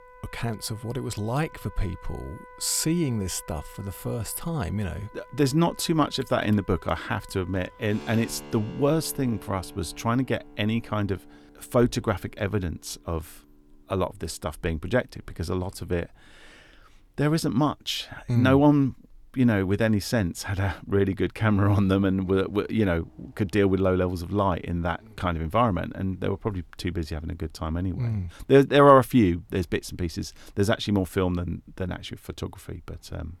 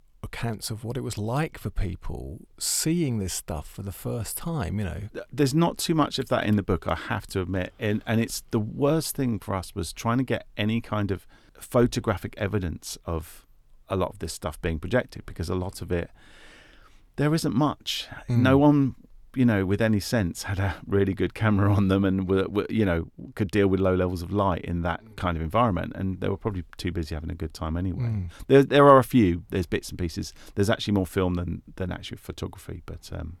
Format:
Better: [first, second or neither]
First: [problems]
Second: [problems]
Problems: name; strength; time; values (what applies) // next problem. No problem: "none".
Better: second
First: background music; faint; throughout; 25 dB below the speech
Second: none